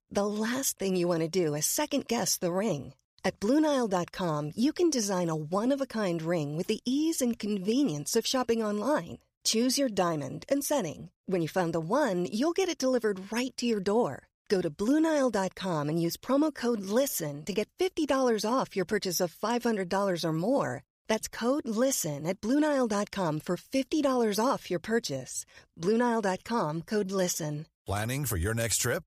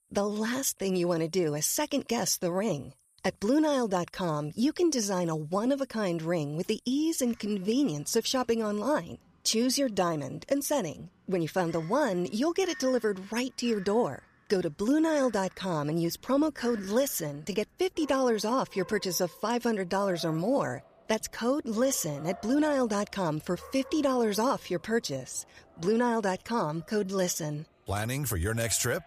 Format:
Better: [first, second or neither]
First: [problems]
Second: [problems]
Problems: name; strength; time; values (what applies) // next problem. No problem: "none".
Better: first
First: none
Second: animal sounds; faint; throughout; 25 dB below the speech